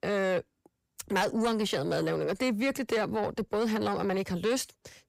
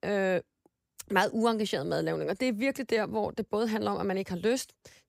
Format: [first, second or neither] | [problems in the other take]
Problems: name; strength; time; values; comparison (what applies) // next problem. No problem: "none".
second | distortion; slight; 10 dB below the speech